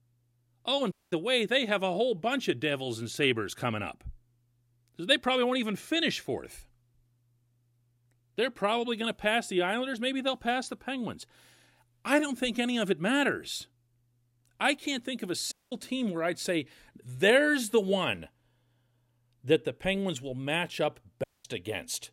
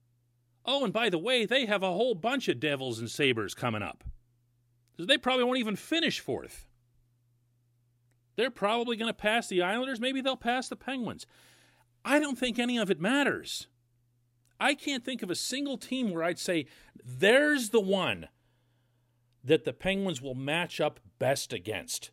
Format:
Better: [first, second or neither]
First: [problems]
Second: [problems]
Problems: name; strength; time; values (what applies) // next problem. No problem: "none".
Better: second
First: audio cutting out; at 1 s, at 16 s and at 21 s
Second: none